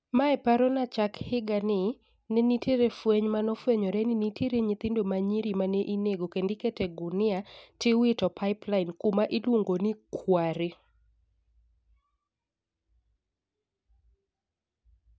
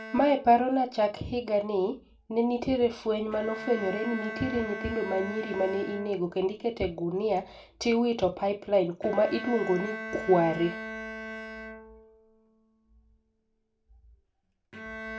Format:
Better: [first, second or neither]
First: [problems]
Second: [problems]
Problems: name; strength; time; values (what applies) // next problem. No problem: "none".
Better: first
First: none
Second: background sound (Bowed string instrument); 13 dB below the speech // room echo; dies away in 0.2 s